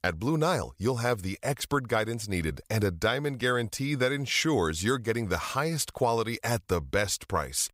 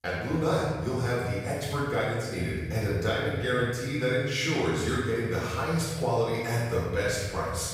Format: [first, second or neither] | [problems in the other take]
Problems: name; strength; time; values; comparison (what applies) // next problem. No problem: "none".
first | room echo; strong; dies away in 1.5 s // off-mic speech; far